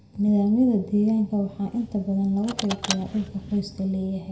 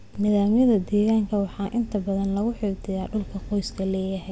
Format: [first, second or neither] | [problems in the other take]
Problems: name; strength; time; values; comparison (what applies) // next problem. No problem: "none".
second | background sound (Car); 13 dB below the speech // room echo; dies away in 0.5 s